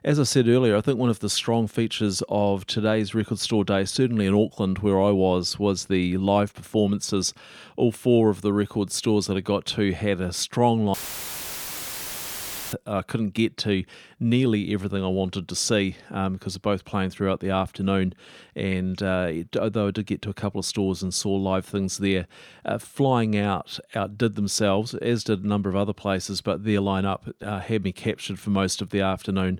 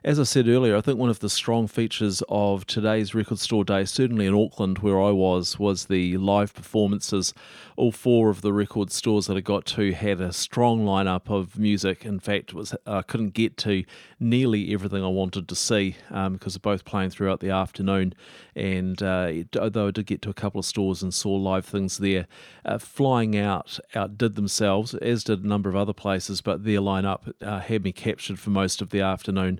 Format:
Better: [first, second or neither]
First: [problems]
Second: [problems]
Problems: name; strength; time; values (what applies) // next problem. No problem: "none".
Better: second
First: audio cutting out; filled with static; at 11 s for 2 s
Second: none